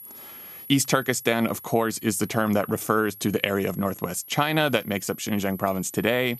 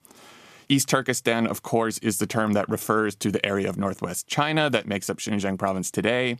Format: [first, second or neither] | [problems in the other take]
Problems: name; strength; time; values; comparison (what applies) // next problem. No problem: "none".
second | high-pitched whine; noticeable; throughout; 11.5 kHz, 15 dB below the speech